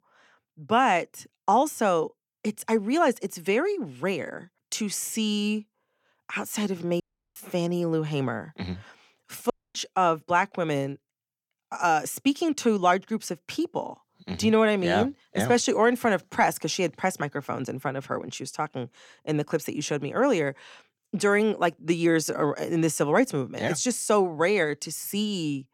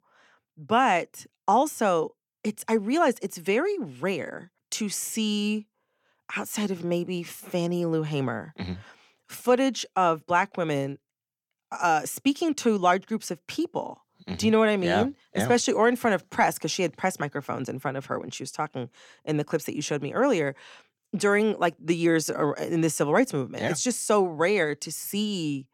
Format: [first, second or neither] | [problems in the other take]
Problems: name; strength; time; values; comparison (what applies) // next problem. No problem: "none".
second | audio cutting out; at 7 s and at 9.5 s